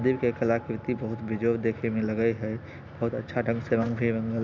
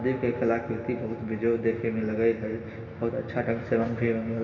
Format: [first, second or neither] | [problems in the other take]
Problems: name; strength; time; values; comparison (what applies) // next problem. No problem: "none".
first | room echo; dies away in 2.4 s